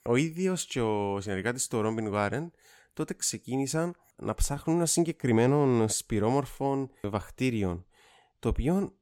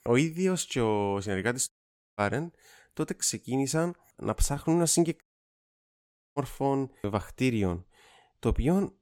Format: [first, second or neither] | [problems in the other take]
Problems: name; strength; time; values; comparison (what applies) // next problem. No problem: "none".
first | audio cutting out; at 1.5 s and at 5 s for 1 s